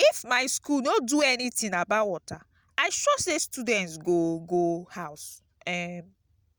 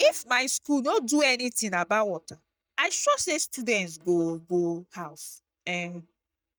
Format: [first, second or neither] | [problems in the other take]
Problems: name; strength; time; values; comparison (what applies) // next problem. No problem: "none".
first | noise reduction (neural mask model DeepFilterNet 3)